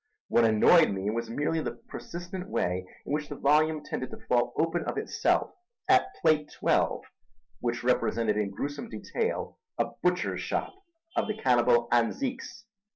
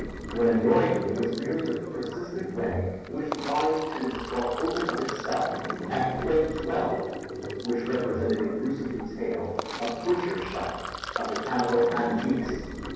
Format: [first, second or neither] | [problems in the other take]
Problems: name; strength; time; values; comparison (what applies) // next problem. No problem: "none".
first | background sound (Sink (filling or washing)); 7 dB below the speech // room echo; dies away in 1.3 s